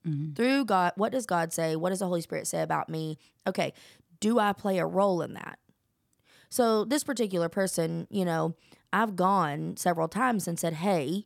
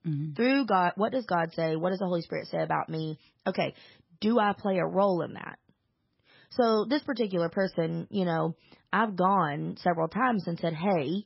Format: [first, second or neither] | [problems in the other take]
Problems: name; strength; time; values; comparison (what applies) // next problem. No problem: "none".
first | garbled, watery; badly; nothing above 5.5 kHz